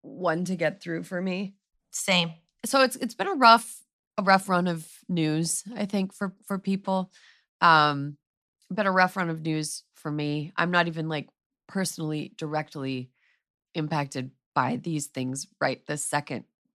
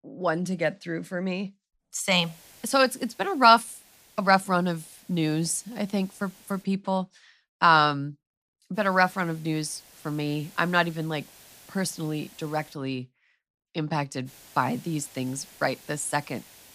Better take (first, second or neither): first